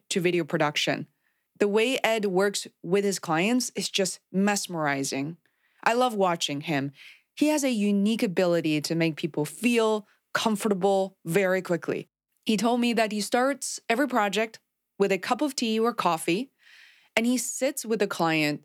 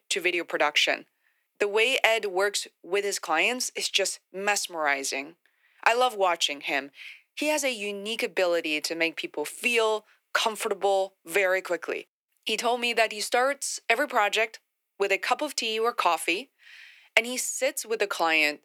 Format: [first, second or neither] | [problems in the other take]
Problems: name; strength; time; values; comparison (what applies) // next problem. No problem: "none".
first | thin; very; fading below 450 Hz